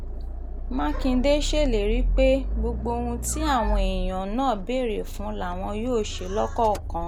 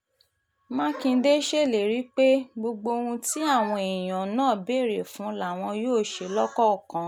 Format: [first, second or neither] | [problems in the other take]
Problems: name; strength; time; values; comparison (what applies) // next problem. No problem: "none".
second | background sound (Accelerating, revving, vroom); 1 dB below the speech